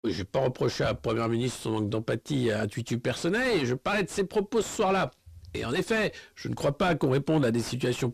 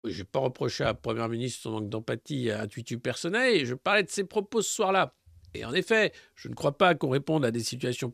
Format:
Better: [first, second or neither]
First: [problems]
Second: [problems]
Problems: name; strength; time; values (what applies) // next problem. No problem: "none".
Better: second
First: distortion; heavy; 6 dB below the speech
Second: none